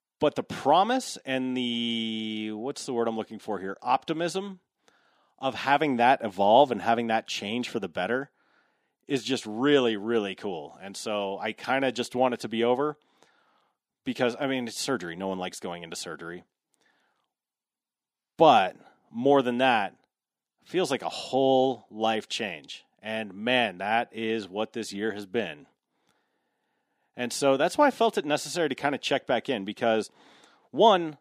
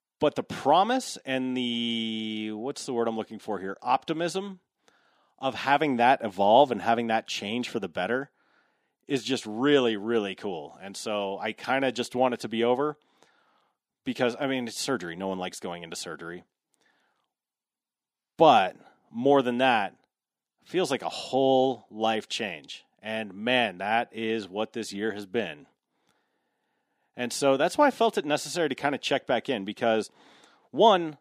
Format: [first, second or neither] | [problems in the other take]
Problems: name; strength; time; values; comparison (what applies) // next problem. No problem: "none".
neither | thin; very slightly; fading below 250 Hz; the same in both